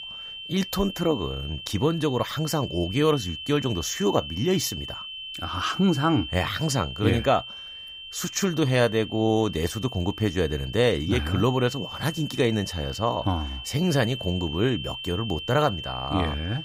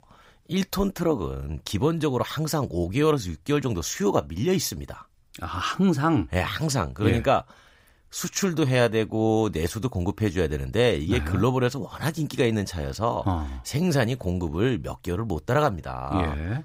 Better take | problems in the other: second | high-pitched whine; loud; throughout; 3 kHz, 10 dB below the speech

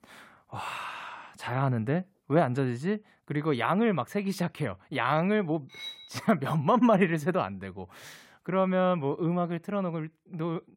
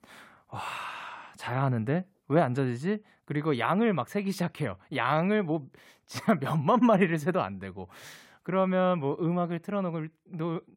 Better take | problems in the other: second | clattering dishes; faint; at 5.5 s; peak 10 dB below the speech

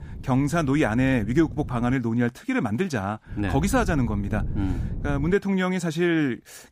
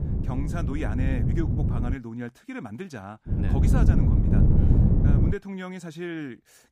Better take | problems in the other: first | wind noise on the microphone; heavy; until 2 s and from 3.5 to 5.5 s; 3 dB above the speech; occasional gusts in the first

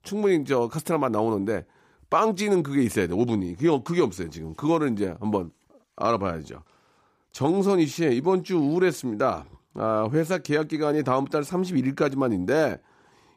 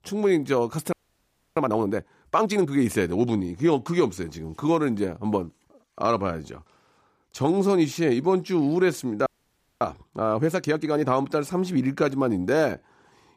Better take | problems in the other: first | audio freezing; at 1 s for 0.5 s and at 9.5 s for 0.5 s

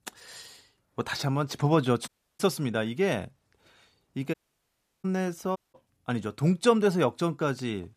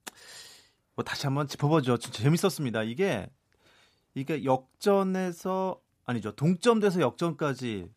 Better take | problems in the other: second | audio cutting out; at 2 s, at 4.5 s for 0.5 s and at 5.5 s

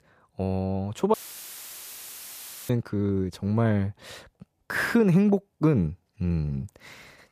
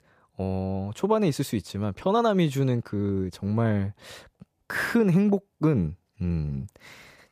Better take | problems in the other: second | audio cutting out; filled with static; at 1 s for 1.5 s

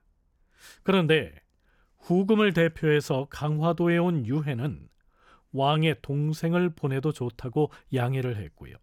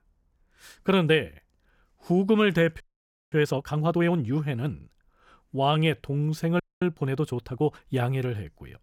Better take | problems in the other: first | audio freezing; at 3 s for 0.5 s and at 6.5 s

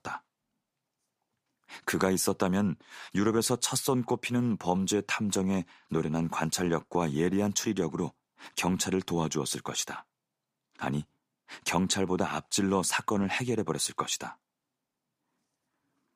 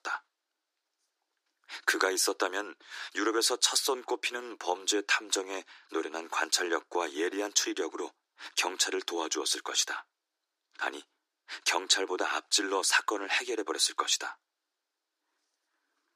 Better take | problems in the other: first | thin; very; fading below 300 Hz

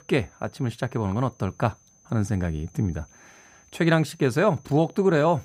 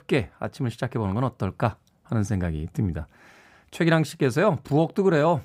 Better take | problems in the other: second | high-pitched whine; faint; throughout; 6 kHz, 30 dB below the speech

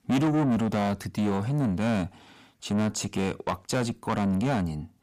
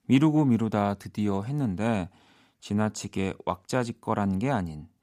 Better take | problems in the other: second | distortion; heavy; 7 dB below the speech

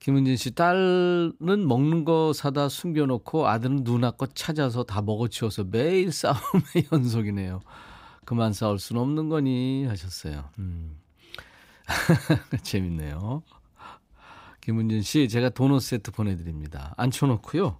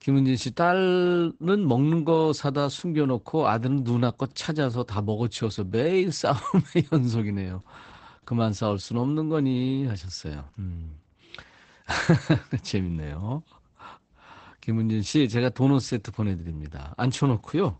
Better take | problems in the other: first | garbled, watery; badly; nothing above 8 kHz

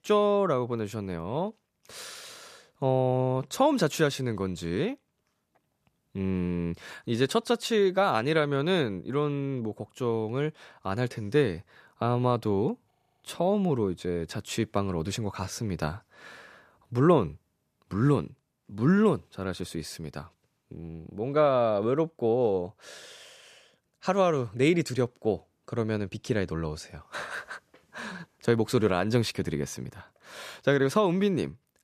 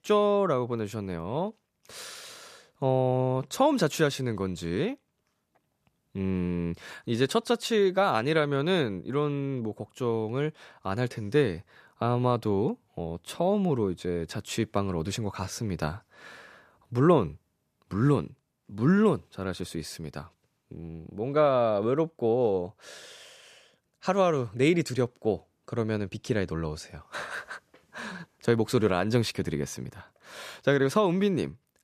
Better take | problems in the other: second | audio freezing; at 13 s

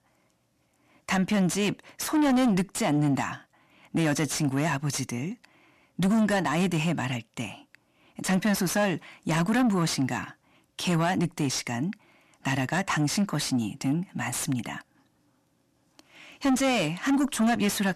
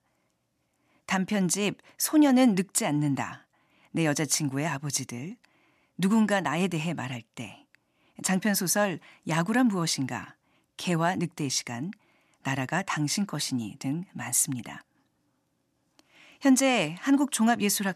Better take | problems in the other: second | distortion; heavy; 7 dB below the speech

